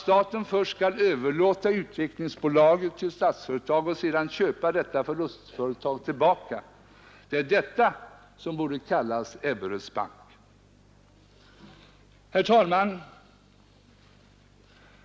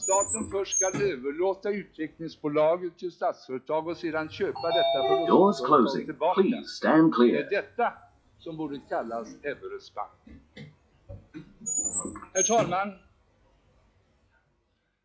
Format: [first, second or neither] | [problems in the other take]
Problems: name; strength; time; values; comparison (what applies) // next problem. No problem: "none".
first | noise reduction (classical method log-MMSE)